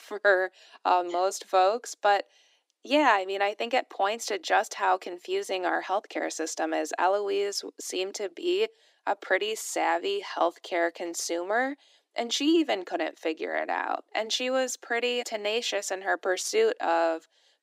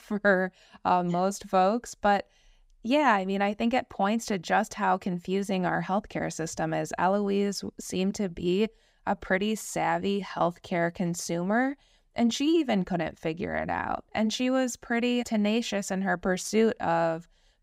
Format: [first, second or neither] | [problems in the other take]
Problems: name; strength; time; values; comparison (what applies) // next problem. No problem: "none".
second | thin; somewhat; fading below 300 Hz